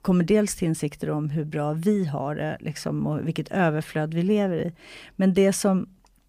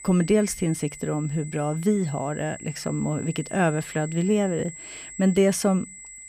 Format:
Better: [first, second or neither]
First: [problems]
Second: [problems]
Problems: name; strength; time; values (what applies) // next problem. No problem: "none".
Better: first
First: none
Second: high-pitched whine; noticeable; throughout; 7.5 kHz, 15 dB below the speech